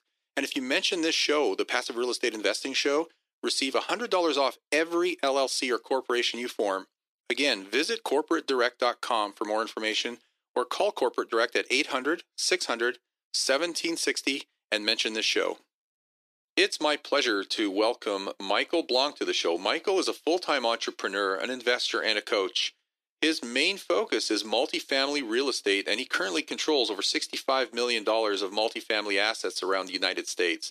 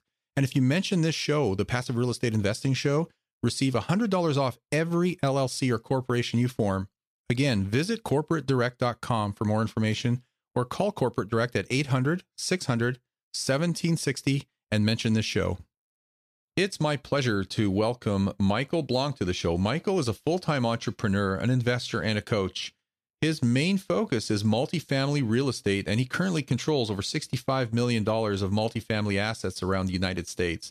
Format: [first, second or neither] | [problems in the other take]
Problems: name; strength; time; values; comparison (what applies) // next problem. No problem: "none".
second | thin; very; fading below 300 Hz